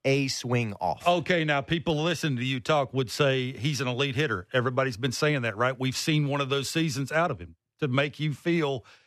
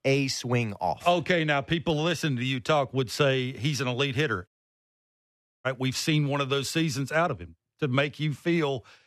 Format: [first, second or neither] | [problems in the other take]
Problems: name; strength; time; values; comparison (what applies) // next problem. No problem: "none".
first | audio cutting out; at 4.5 s for 1 s